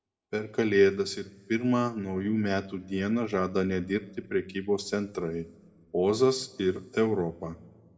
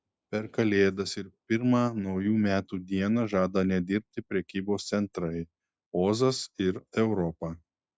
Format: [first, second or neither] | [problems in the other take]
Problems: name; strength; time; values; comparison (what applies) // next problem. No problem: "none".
second | room echo; dies away in 1.3 s